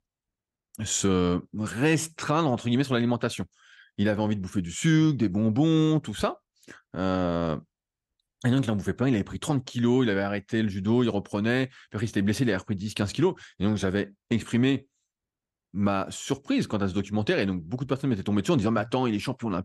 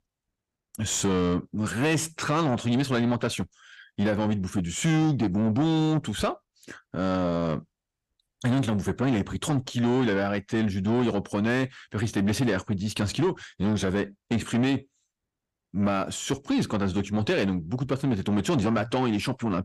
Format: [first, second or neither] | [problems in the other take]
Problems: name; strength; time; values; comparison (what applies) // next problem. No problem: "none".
first | distortion; slight; 10 dB below the speech